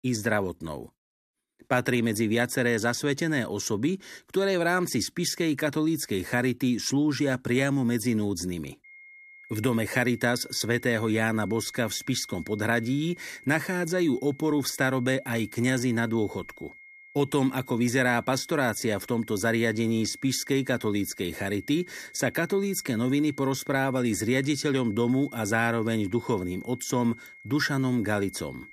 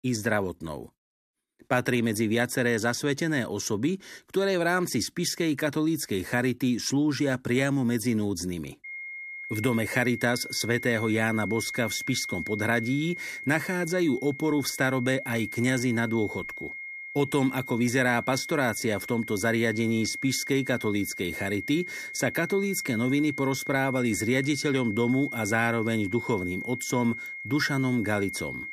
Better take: first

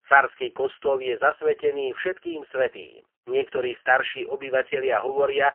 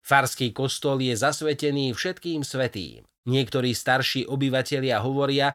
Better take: second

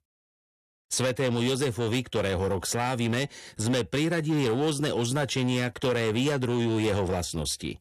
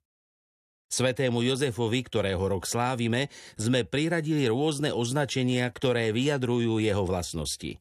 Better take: second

